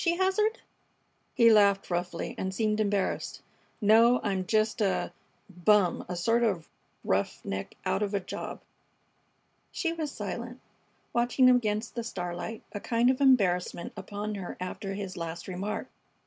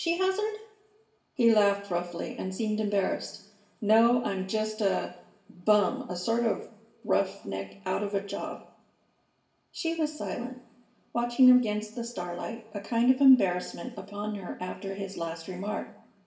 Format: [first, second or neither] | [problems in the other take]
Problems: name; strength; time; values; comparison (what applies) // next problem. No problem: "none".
first | room echo; dies away in 0.7 s